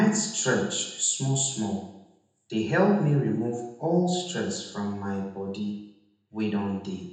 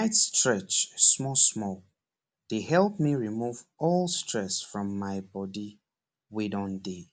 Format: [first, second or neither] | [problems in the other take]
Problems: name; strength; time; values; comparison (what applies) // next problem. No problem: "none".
second | room echo; dies away in 0.9 s